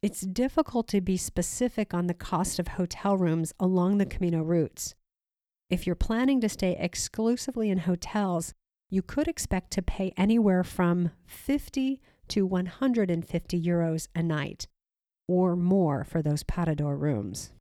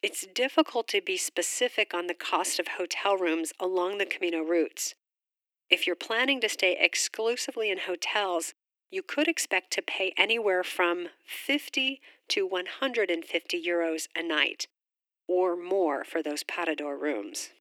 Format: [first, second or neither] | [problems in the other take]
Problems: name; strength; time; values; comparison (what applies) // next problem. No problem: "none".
first | thin; very; fading below 300 Hz